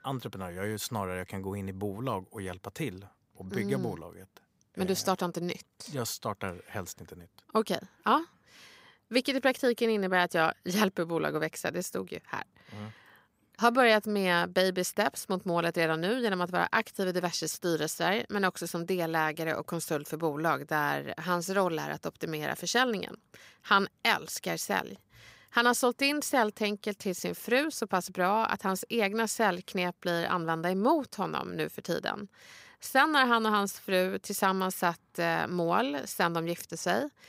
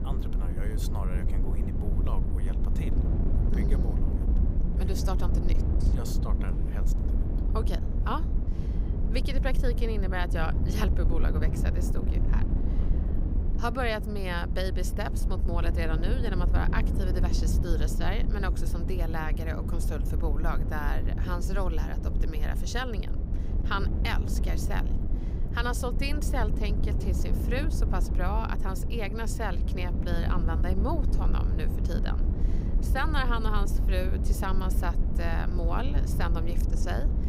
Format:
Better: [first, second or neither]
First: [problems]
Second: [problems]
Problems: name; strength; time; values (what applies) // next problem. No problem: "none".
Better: first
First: none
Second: wind noise on the microphone; heavy; 7 dB below the speech